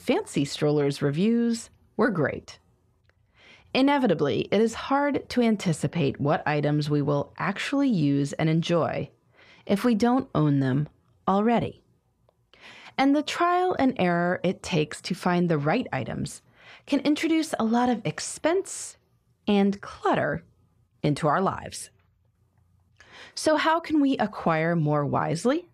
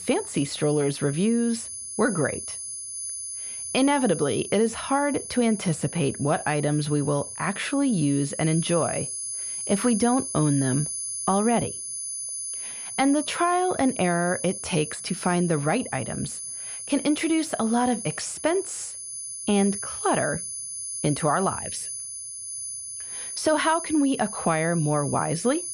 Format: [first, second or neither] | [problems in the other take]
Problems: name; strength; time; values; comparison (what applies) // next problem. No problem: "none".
first | high-pitched whine; loud; throughout; 10 kHz, 7 dB below the speech